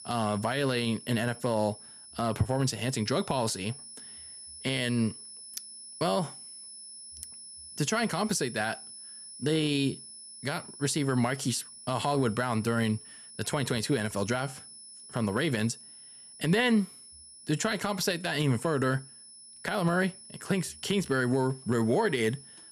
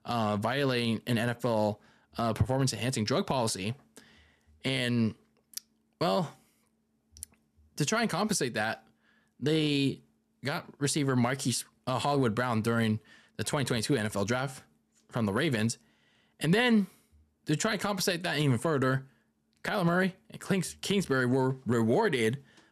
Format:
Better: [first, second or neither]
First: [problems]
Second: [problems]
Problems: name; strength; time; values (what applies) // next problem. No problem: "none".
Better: second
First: high-pitched whine; noticeable; throughout; 10 kHz, 15 dB below the speech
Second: none